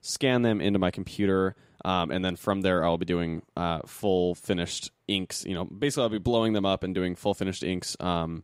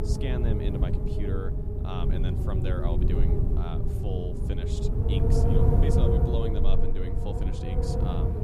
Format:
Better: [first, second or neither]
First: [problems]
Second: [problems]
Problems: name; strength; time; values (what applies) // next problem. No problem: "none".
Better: first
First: none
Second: wind noise on the microphone; heavy; 5 dB above the speech